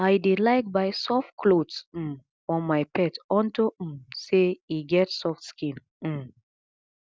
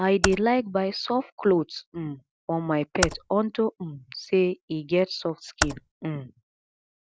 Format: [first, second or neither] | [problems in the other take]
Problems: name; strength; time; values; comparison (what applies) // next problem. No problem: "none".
first | background sound (Computer keyboard); 7 dB below the speech